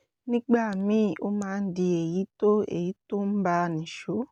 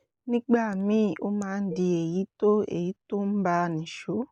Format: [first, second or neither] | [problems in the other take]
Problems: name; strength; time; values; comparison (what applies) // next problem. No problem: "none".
first | noise reduction (neural mask model Resemble Enhance denoiser)